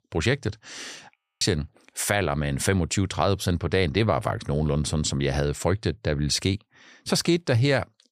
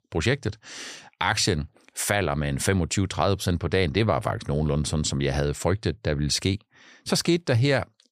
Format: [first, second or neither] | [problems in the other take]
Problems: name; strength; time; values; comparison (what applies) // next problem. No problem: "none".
second | audio freezing; at 1 s